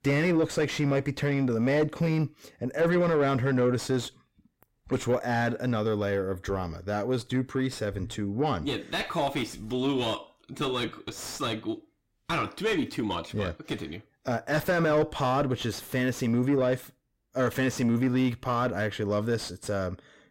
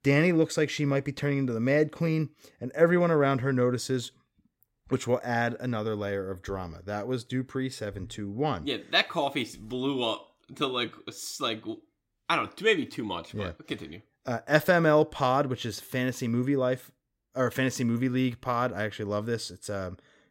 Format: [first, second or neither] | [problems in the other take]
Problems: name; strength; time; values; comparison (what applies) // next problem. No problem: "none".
second | distortion; heavy; 7 dB below the speech